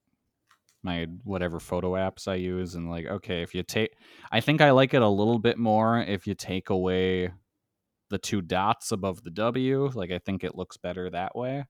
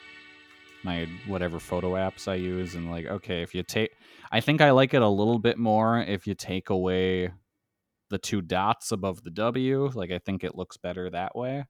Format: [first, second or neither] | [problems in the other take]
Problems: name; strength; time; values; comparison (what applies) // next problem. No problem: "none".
first | background music; faint; throughout; 20 dB below the speech